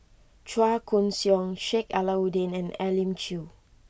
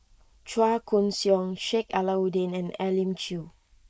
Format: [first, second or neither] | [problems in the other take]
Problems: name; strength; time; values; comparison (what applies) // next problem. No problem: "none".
first | noise reduction (neural mask model Resemble Enhance denoiser)